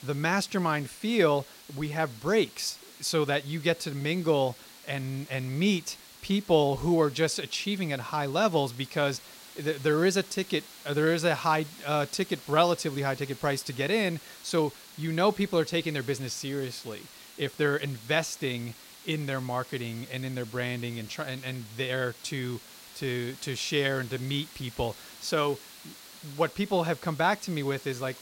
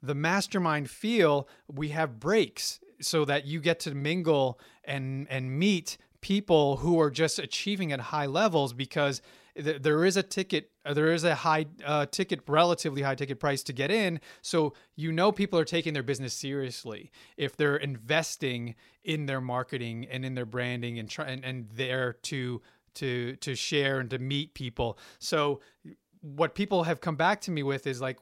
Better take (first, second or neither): second